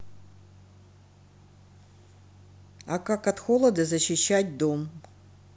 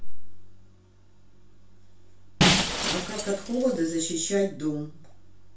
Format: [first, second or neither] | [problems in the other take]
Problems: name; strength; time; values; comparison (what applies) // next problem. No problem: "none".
first | background sound (Shatter); as loud as the speech // room echo; dies away in 0.3 s